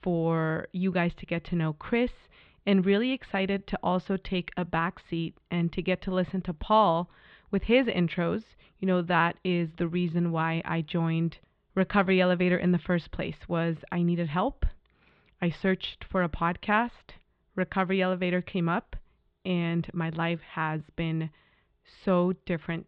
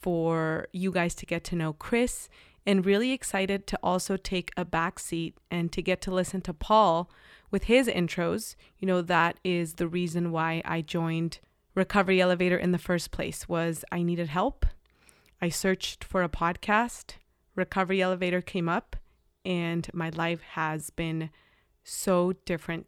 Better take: second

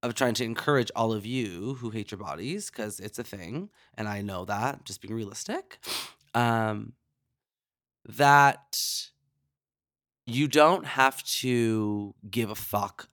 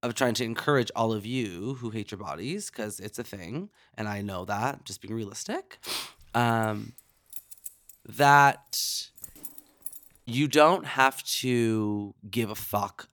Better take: first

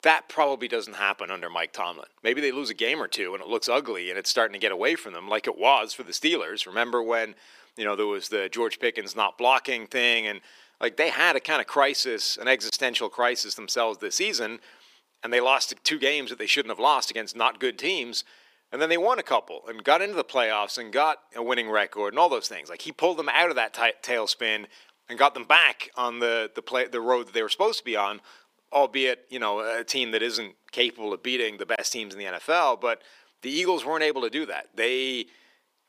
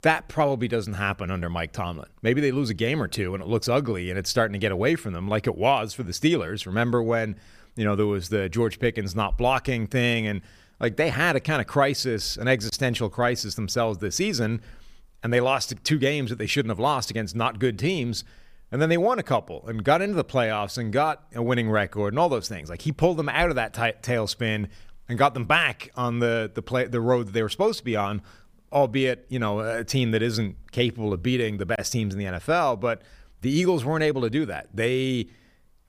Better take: second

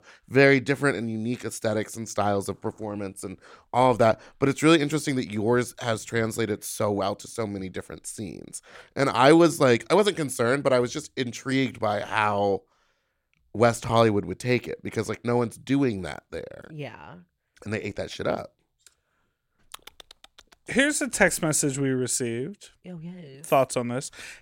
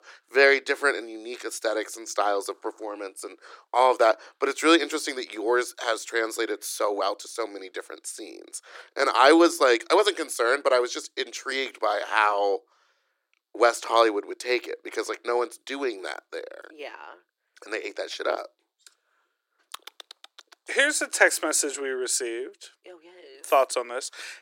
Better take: first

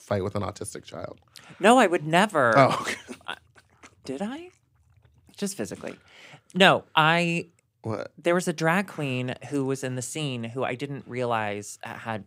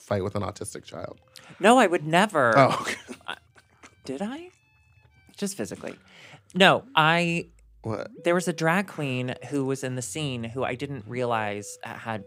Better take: first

